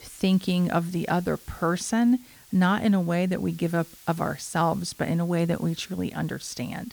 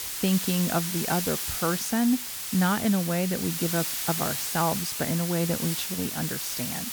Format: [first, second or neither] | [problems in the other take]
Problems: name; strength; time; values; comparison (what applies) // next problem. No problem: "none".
first | hiss; loud; throughout; 1 dB below the speech; faint in the first